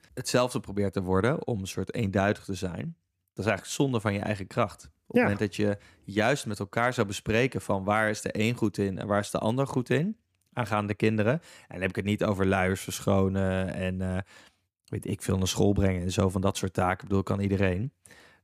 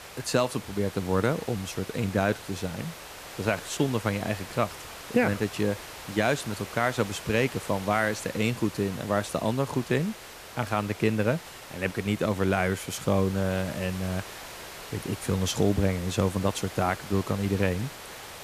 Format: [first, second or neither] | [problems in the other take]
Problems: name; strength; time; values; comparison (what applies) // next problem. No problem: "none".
first | hiss; noticeable; throughout; 15 dB below the speech